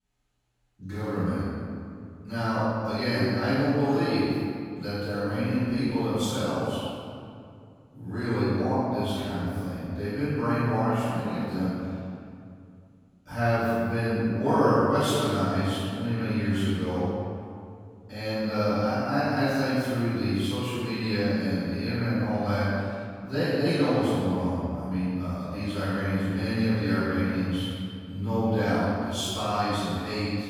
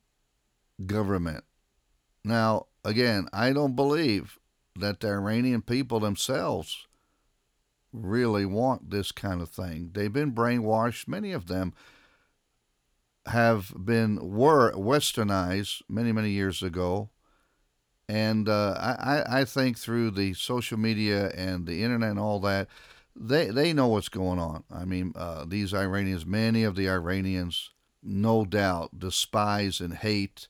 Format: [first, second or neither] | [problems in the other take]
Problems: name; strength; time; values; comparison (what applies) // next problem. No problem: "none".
second | off-mic speech; far // room echo; strong; dies away in 2.1 s